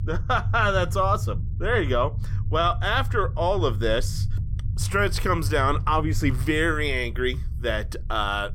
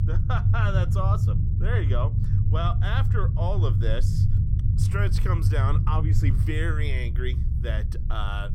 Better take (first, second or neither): first